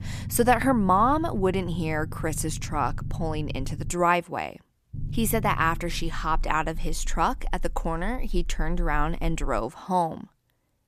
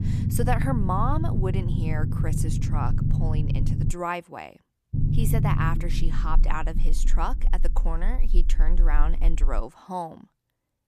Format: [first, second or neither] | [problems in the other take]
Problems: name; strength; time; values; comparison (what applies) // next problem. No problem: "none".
first | low rumble; loud; until 4 s and from 5 to 9.5 s; 6 dB below the speech; faint in the first